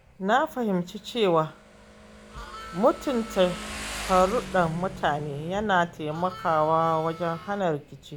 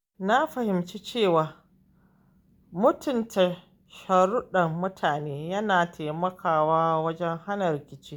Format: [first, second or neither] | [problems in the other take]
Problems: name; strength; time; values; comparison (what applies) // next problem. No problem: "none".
second | background sound (Motorcycle + Harmonica); 14 dB below the speech